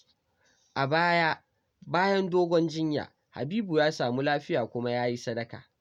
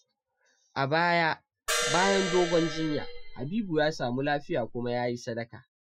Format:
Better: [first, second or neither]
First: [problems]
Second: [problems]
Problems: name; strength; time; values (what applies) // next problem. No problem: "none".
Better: first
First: none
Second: noise reduction (classical method Wiener filter)